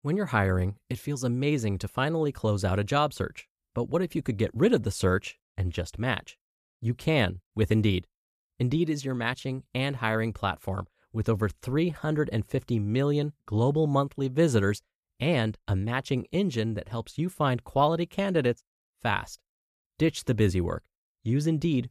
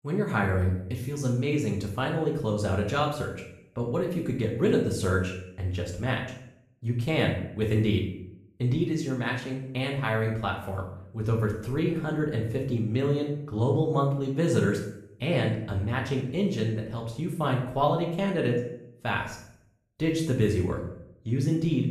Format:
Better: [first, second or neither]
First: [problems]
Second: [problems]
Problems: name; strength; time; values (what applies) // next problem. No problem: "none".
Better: first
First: none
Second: room echo; noticeable; dies away in 0.7 s // off-mic speech; far